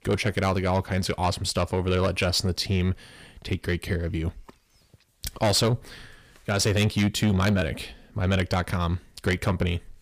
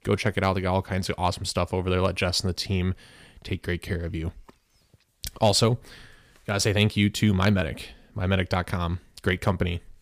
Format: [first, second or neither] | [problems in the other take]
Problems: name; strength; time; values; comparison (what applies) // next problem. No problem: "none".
second | distortion; slight; 10 dB below the speech